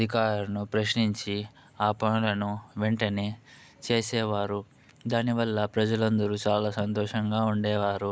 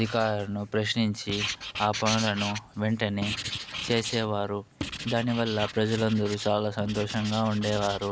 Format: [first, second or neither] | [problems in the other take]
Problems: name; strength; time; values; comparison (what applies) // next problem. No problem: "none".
first | background sound (Writing); 9 dB below the speech